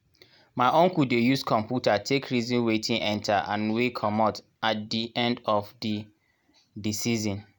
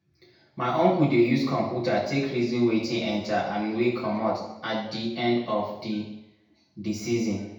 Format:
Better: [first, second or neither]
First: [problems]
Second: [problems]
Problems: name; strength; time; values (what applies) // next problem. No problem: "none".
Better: first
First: none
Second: room echo; dies away in 0.8 s